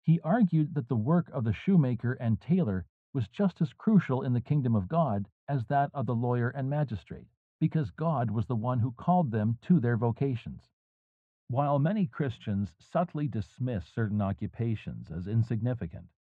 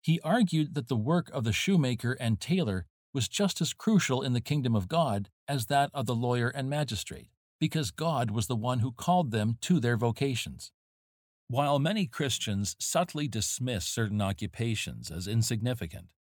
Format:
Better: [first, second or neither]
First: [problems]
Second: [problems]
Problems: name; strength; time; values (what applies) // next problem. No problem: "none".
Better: second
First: muffled; very; fading above 1 kHz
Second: none